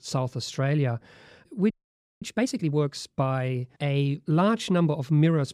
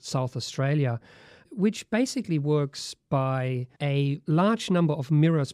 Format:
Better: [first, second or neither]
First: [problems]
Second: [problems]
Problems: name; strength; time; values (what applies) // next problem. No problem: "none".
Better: second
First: audio freezing; at 1.5 s for 0.5 s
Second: none